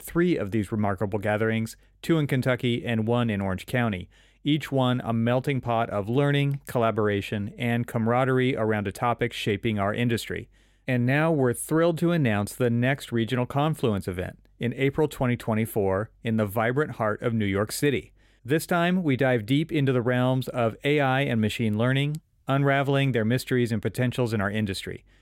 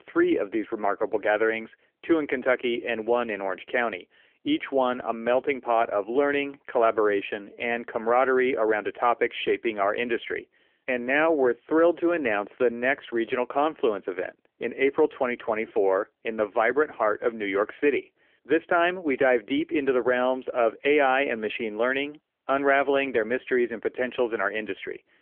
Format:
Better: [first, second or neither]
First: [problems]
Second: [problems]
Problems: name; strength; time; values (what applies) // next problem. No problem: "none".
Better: first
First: none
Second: phone-call audio; nothing above 3.5 kHz